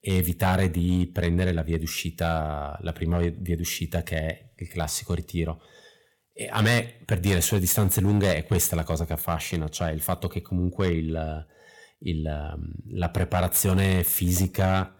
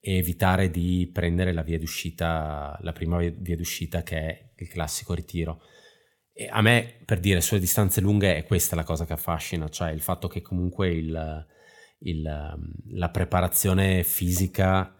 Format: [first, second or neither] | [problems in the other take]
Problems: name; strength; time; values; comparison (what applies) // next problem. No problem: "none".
second | distortion; slight; 3% of the sound clipped